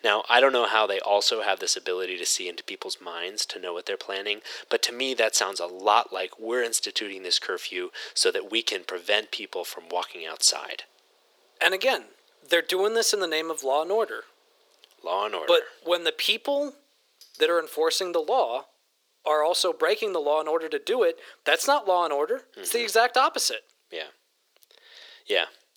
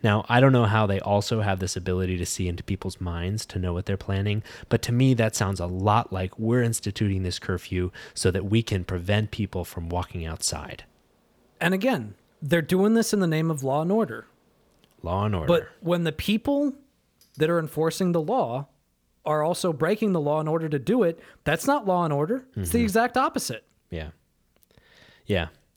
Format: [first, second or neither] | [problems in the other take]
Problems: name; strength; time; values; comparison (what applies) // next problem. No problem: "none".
second | thin; very; fading below 400 Hz